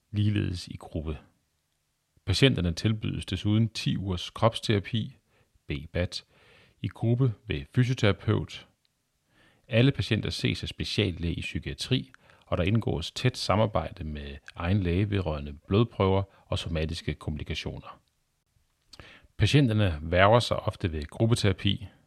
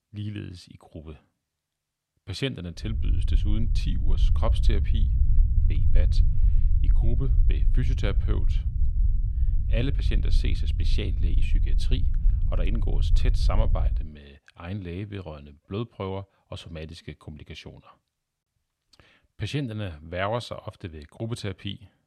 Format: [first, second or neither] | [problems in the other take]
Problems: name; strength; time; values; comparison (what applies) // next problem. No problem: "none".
first | low rumble; loud; from 3 to 14 s; 9 dB below the speech